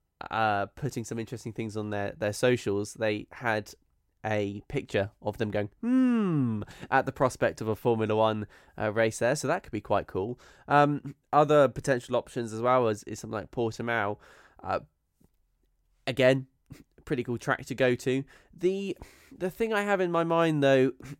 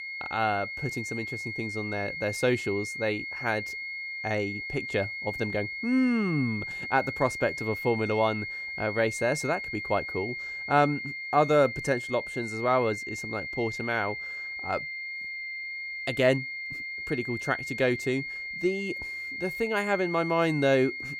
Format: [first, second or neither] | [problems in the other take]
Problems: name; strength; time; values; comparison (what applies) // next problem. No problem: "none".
first | high-pitched whine; loud; throughout; 2 kHz, 5 dB below the speech